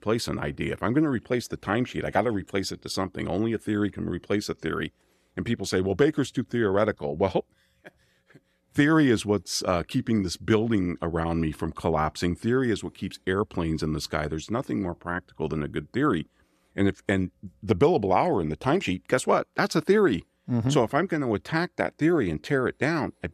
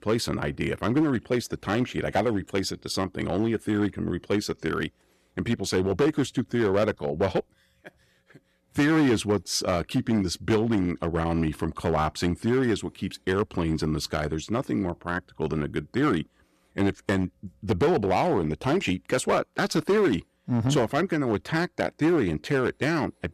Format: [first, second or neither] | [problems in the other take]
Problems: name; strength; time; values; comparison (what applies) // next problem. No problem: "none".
first | distortion; slight; 5% of the sound clipped